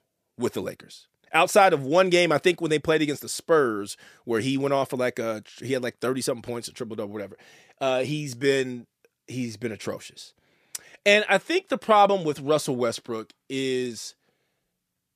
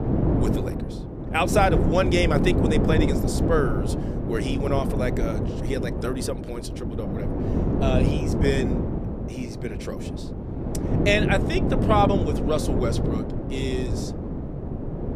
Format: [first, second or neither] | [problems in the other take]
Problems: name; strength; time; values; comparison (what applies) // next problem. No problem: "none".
first | wind noise on the microphone; heavy; 5 dB below the speech